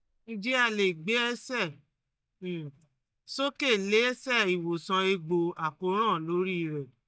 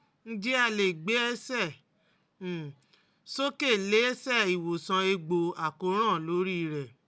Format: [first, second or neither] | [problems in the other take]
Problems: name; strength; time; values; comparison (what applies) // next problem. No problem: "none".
second | noise reduction (neural mask model DeepFilterNet 3)